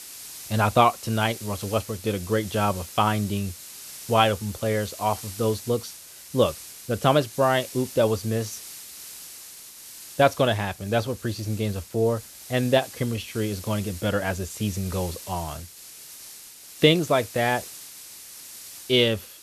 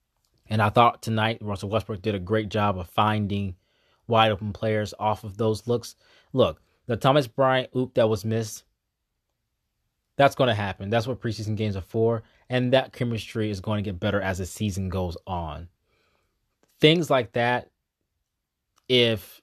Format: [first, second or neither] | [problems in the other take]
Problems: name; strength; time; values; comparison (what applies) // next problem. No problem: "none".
second | hiss; noticeable; throughout; 15 dB below the speech